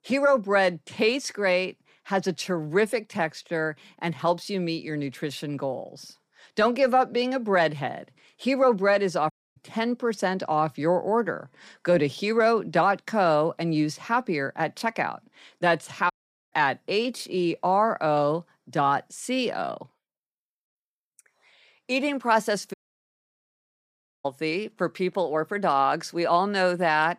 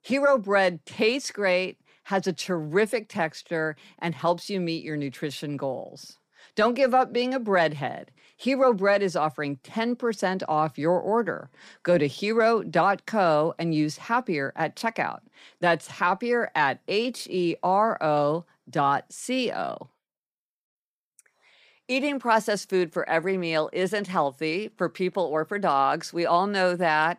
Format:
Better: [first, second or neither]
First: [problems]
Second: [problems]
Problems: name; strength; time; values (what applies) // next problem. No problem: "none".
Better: second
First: audio cutting out; at 9.5 s, at 16 s and at 23 s for 1.5 s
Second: none